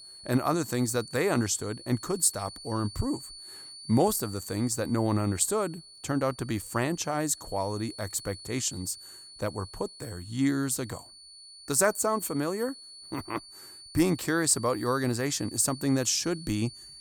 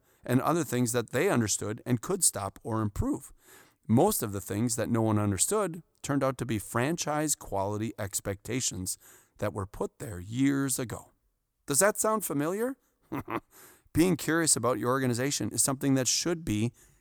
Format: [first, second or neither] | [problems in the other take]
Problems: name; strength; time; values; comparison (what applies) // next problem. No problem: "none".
second | high-pitched whine; noticeable; throughout; 4.5 kHz, 15 dB below the speech